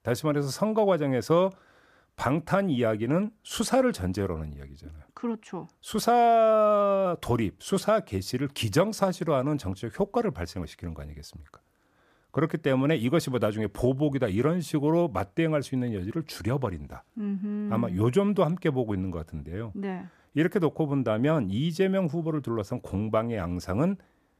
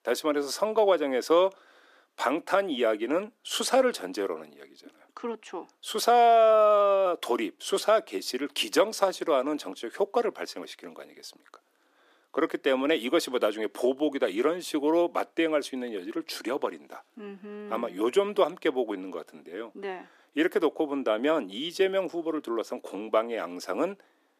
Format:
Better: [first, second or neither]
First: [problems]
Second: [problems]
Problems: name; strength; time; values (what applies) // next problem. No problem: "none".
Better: first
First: none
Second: thin; somewhat; fading below 300 Hz